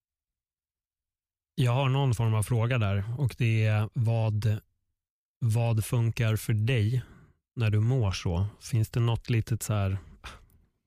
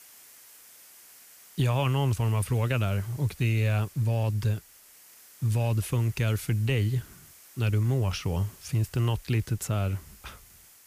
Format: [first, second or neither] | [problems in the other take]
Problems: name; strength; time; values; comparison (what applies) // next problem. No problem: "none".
first | hiss; faint; throughout; 20 dB below the speech